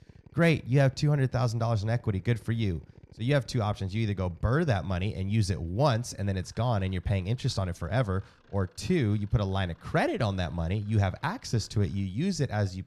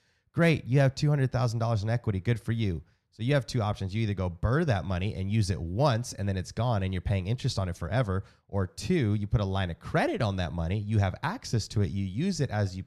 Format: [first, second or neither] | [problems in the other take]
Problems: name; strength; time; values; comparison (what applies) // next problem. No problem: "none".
second | machinery noise; faint; throughout; 30 dB below the speech